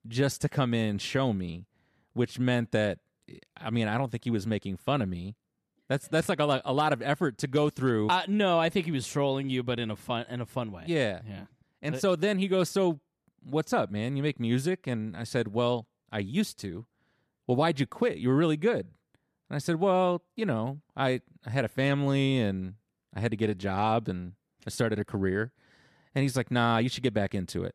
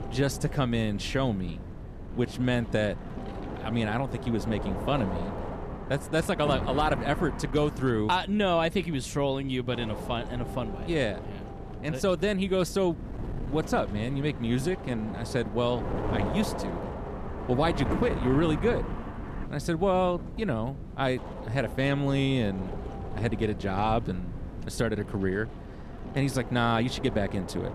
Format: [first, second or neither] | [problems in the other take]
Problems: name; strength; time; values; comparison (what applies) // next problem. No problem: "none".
first | wind noise on the microphone; occasional gusts; 10 dB below the speech